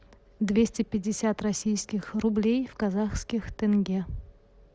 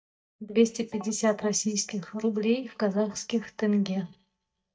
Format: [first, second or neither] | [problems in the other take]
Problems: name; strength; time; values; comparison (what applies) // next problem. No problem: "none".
first | noise reduction (neural mask model DeepFilterNet 3)